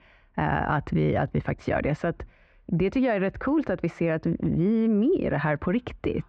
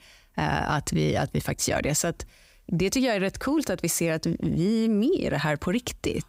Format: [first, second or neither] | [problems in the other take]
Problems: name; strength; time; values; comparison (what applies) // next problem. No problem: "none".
second | muffled; very; fading above 2 kHz